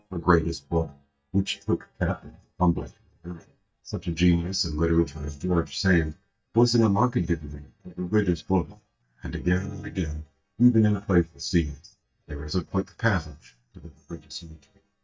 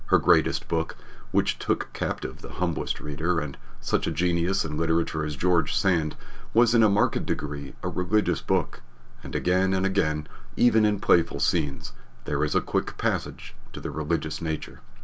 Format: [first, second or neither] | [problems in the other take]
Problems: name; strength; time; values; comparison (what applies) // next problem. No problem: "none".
second | noise reduction (neural mask model DeepFilterNet 3)